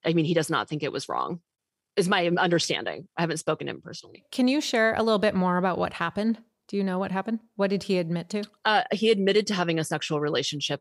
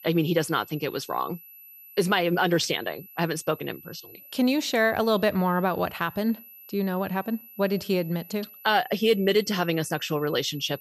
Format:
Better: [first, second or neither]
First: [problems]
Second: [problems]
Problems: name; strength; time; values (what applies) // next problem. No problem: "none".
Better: first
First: none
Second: high-pitched whine; noticeable; throughout; 12 kHz, 20 dB below the speech